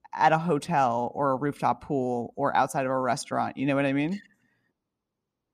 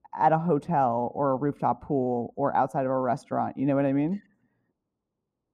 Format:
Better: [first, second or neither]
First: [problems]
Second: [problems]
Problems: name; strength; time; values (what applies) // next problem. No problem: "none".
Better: first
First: none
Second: muffled; very; fading above 1.5 kHz